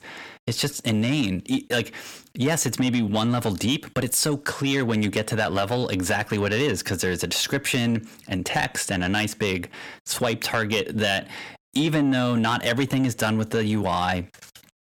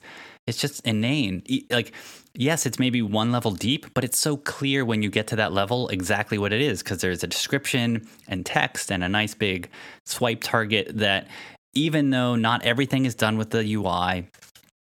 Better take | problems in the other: second | distortion; slight; 10 dB below the speech

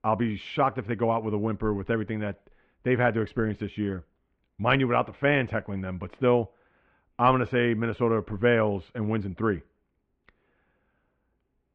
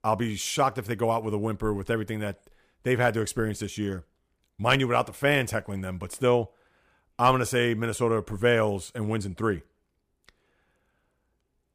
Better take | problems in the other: second | muffled; very; fading above 3 kHz

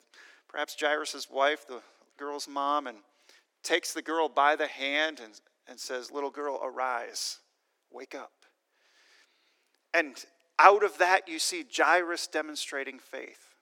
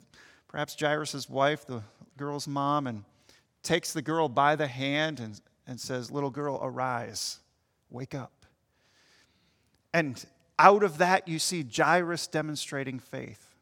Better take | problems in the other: second | thin; somewhat; fading below 300 Hz

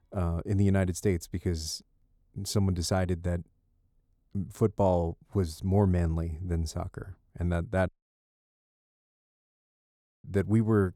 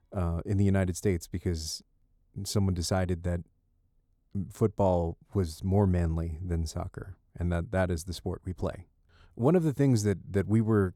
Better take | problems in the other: second | audio cutting out; at 8 s for 2.5 s

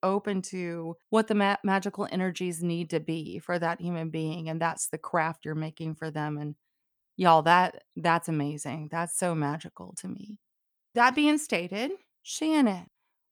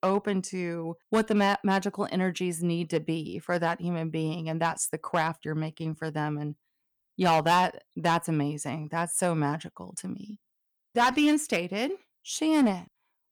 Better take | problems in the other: first | distortion; slight; 2% of the sound clipped

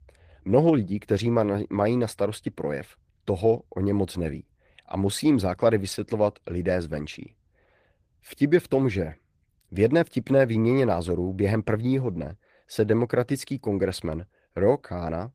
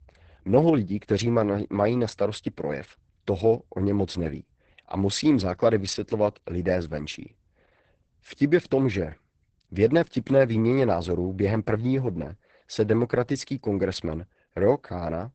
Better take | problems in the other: first | garbled, watery; badly; nothing above 8 kHz; slightly in the first

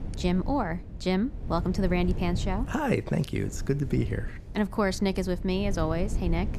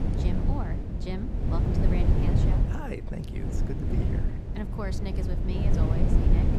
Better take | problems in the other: first | wind noise on the microphone; heavy; 2 dB above the speech; occasional gusts in the first

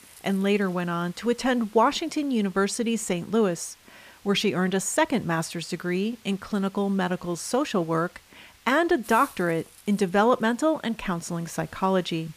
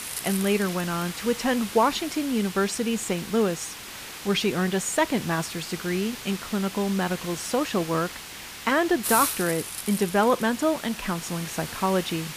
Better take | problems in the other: first | hiss; loud; throughout; 8 dB below the speech; faint in the first

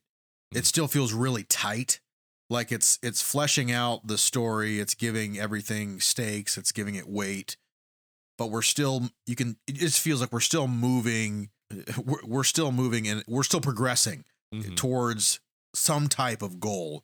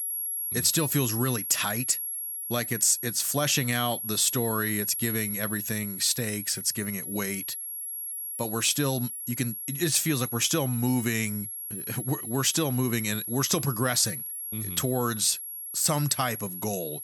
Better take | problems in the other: first | high-pitched whine; loud; throughout; 11.5 kHz, 5 dB below the speech

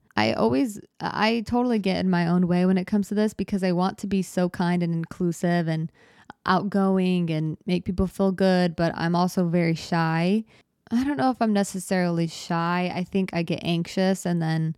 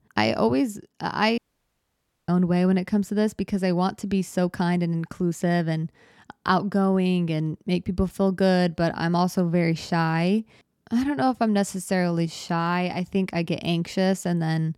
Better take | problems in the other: first | audio cutting out; at 1.5 s for 1 s

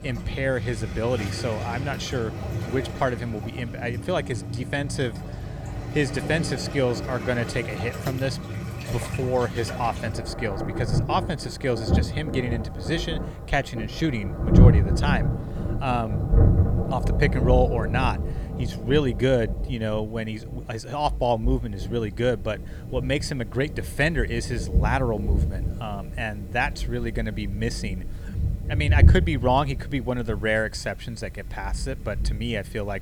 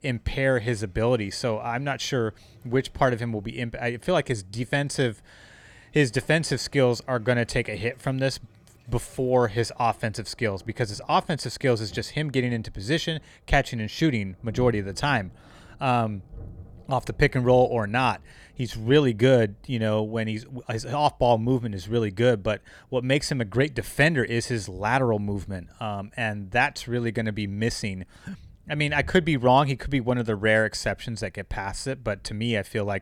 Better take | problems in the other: second | rain or running water; loud; throughout; as loud as the speech; faint in the second

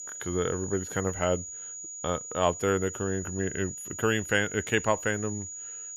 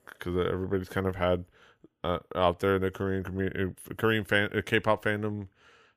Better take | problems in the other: second | high-pitched whine; loud; throughout; 7 kHz, 8 dB below the speech

